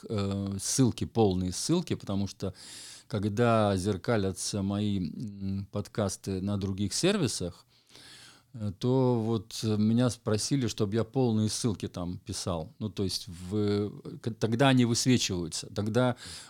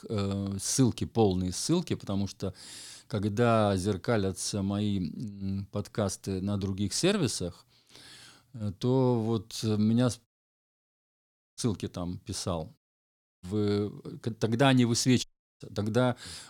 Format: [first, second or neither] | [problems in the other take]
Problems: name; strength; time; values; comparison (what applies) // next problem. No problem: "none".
first | audio cutting out; at 10 s for 1.5 s, at 13 s for 0.5 s and at 15 s